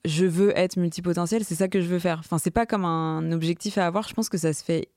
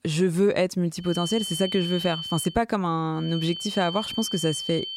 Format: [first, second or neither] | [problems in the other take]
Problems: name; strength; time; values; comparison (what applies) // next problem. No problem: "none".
first | high-pitched whine; loud; from 1 to 2.5 s and from 3 s on; 3 kHz, 6 dB below the speech